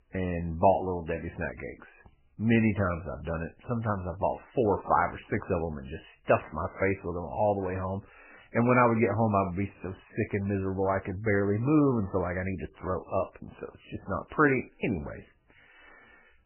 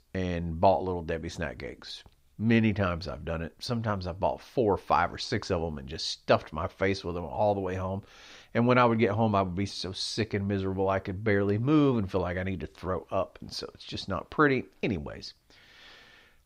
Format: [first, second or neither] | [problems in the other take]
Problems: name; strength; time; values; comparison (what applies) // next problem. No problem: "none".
second | garbled, watery; badly; nothing above 2.5 kHz